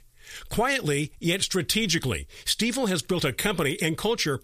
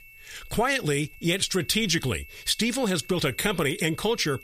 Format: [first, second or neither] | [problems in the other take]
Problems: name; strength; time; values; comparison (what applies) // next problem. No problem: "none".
first | high-pitched whine; faint; throughout; 2.5 kHz, 20 dB below the speech